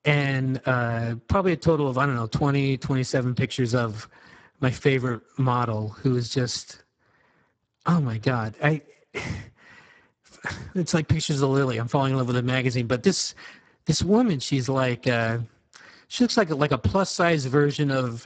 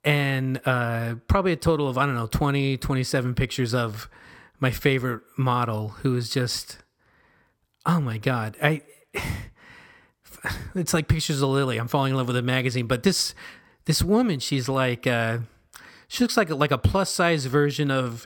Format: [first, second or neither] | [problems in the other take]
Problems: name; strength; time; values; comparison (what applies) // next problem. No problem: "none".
second | garbled, watery; badly; nothing above 8 kHz